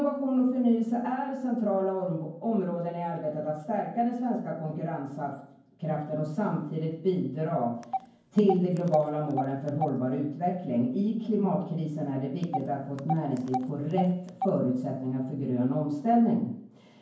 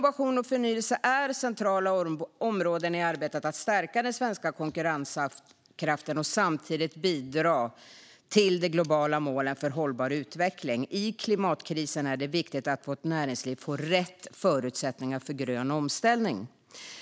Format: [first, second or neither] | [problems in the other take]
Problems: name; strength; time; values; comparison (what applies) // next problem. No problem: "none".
second | background sound (Telephone); 9 dB below the speech // room echo; dies away in 0.9 s